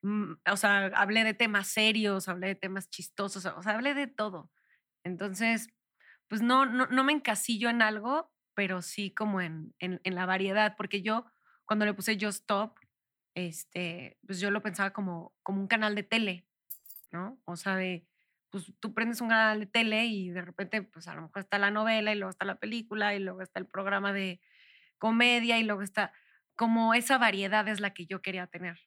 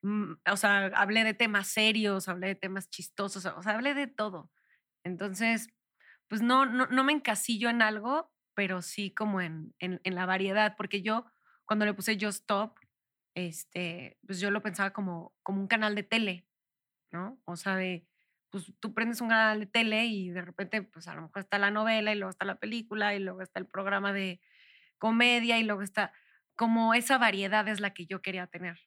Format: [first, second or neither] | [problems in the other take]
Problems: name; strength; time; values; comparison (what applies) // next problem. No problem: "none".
second | jangling keys; faint; at 17 s; peak 15 dB below the speech